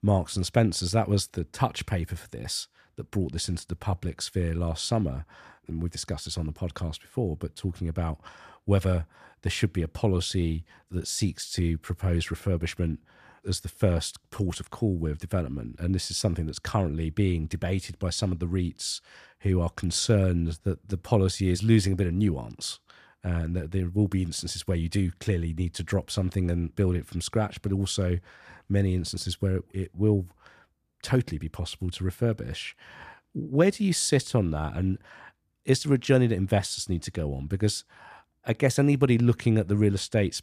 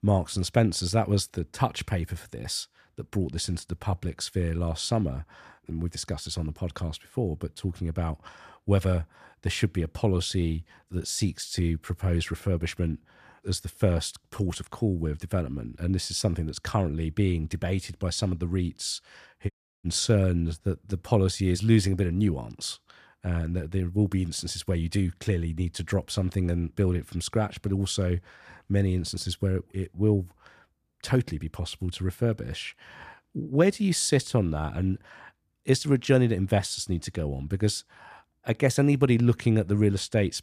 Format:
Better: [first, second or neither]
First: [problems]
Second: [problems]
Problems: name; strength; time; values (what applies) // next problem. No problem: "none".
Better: first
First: none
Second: audio cutting out; at 20 s